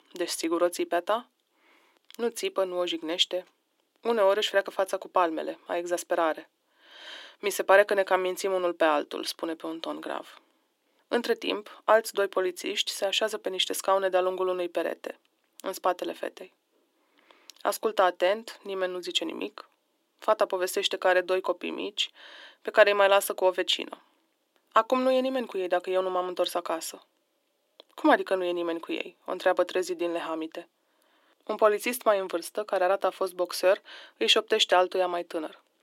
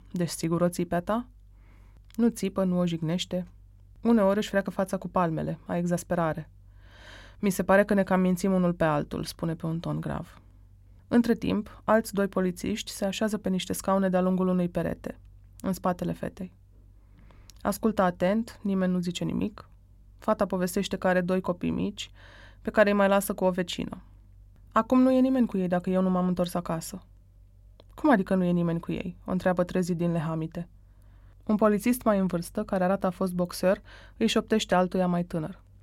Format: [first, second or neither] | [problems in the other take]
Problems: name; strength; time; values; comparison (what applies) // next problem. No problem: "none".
second | thin; very; fading below 300 Hz